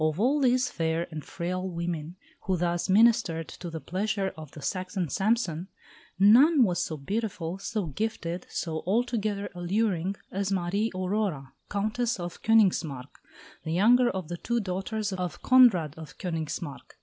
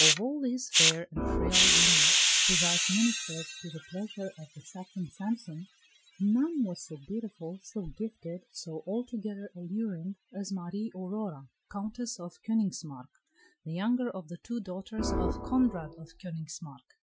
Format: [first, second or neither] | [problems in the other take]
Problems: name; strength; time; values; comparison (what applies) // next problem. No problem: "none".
first | noise reduction (classical method Wiener filter)